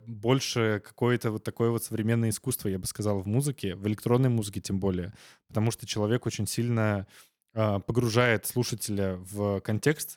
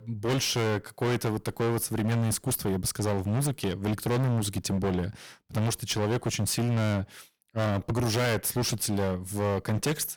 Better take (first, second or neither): first